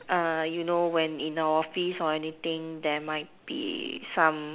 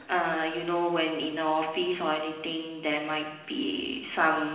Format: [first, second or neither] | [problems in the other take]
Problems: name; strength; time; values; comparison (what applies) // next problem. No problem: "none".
first | room echo; dies away in 1 s